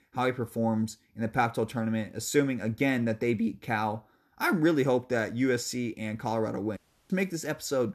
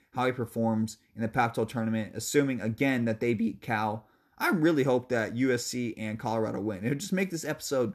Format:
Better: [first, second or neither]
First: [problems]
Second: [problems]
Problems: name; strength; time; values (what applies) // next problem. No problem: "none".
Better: second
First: audio cutting out; at 7 s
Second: none